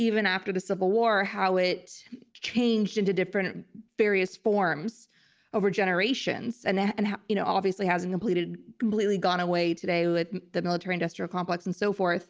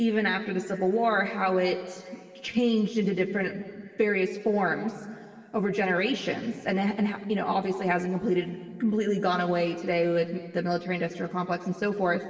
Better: first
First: none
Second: room echo; dies away in 2.6 s

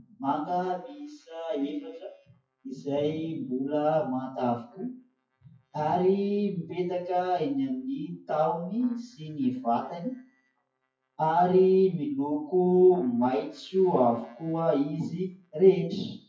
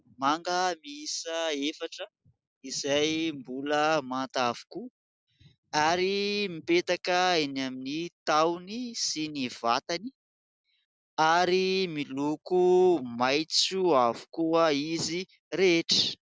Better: second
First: noise reduction (classical method WPE with log-MMSE)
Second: none

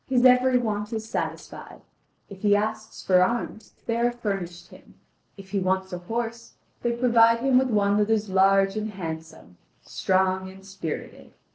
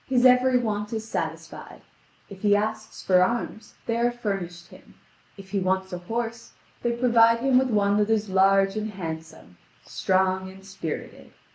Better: second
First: noise reduction (neural separator model SepFormer DNS4)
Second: none

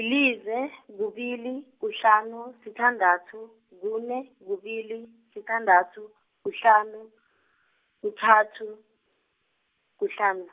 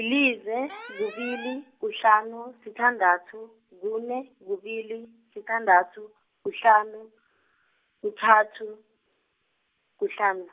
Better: first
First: none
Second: background sound (Alarm); 17 dB below the speech

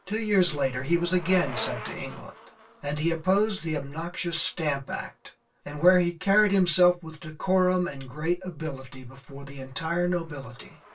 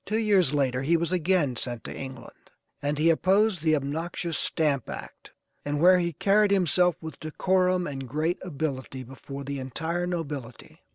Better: second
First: background sound (Bicycle); 19 dB below the speech // room echo; dies away in 0.2 s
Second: none

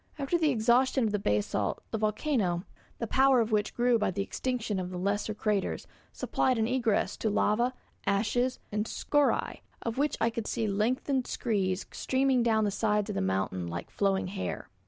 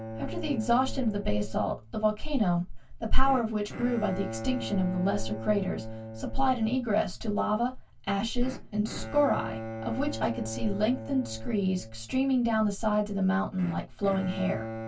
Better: first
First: none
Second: background sound (Bowed string instrument); 13 dB below the speech // room echo; dies away in 0.1 s

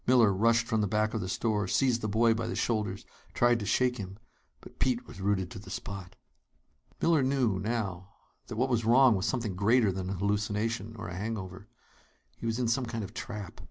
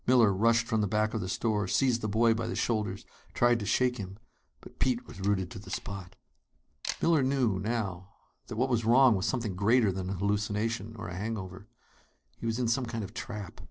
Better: first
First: none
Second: noise reduction (neural separator model SepFormer DNS4)

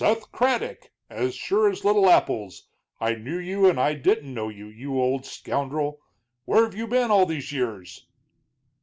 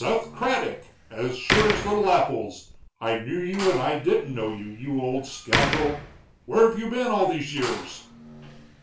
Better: first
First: none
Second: background sound (Slam); 7 dB below the speech // room echo; dies away in 0.3 s

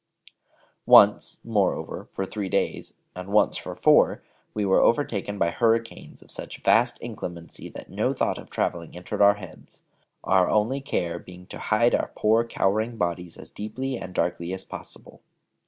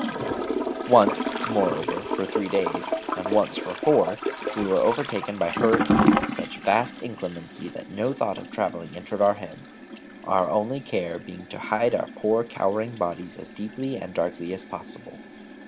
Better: first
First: none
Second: background sound (Toilet flush / Gurgling); 4 dB below the speech

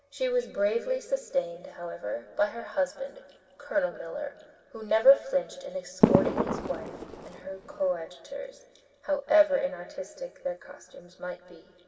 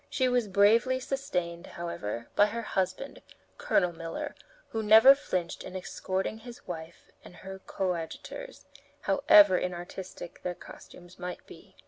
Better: second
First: background sound (Fireworks); 2 dB above the speech // room echo; dies away in 1.8 s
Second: none

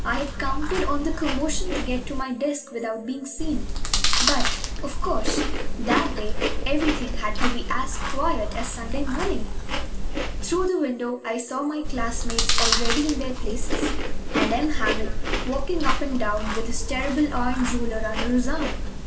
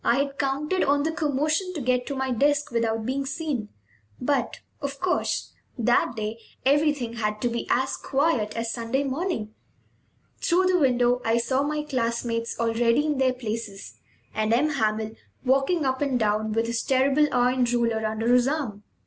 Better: second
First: background sound (Chewing, mastication); 4 dB above the speech // room echo; dies away in 2.6 s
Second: none

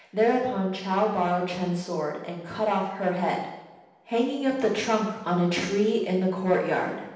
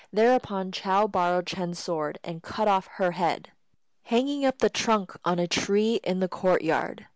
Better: second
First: room echo; dies away in 0.9 s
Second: none

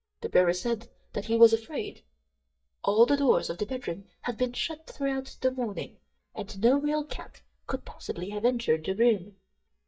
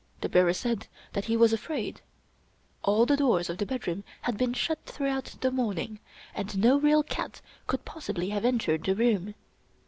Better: second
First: noise reduction (neural mask model DeepFilterNet 3)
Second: none

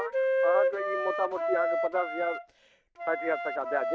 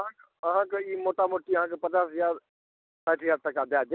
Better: second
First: background sound (Wind instrument, woodwind instrument); 3 dB above the speech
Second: none

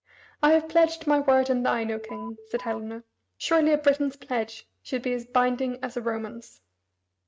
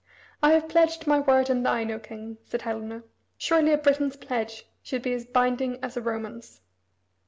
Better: second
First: noise reduction (neural mask model RNNoise)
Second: none

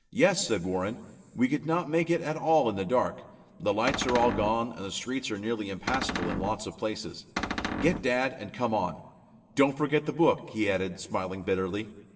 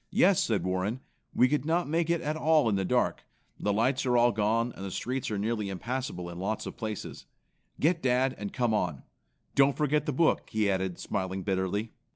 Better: second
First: background sound (Cupboard open or close); 4 dB below the speech // room echo; dies away in 1.6 s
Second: none

